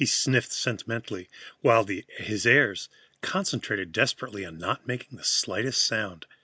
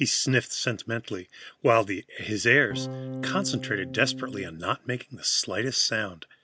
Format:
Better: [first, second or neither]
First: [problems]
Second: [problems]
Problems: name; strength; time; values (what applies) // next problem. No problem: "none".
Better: first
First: none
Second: background sound (Electric guitar / Strum); 8 dB below the speech